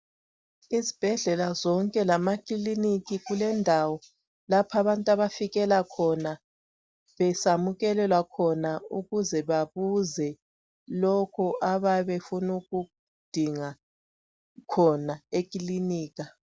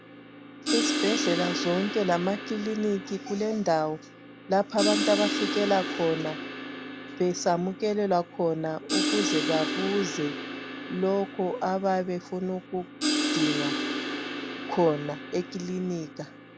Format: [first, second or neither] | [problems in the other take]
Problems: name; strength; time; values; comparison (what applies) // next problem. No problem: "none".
first | background sound (Crash cymbal); 3 dB below the speech